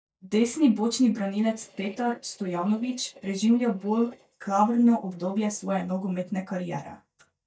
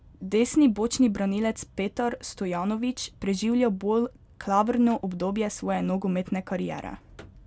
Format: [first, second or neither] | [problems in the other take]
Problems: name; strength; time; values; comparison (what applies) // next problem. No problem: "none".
second | noise reduction (neural mask model DeepFilterNet 3)